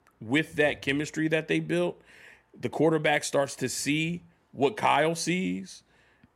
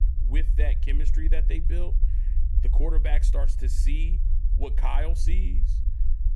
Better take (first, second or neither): first